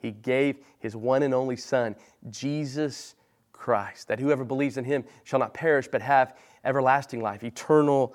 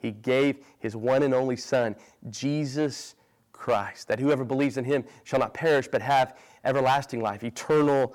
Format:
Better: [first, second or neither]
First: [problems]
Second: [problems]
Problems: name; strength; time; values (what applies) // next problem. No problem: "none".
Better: first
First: none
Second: distortion; slight; 5% of the sound clipped